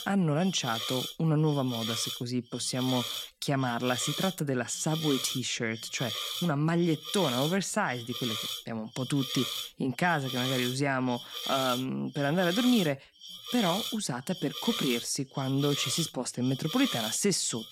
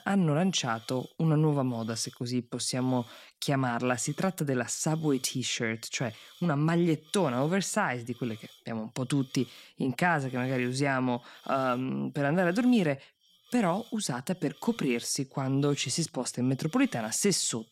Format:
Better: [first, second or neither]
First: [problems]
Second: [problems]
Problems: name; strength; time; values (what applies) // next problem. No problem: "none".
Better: second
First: hiss; loud; throughout; 5 dB below the speech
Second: hiss; faint; throughout; 25 dB below the speech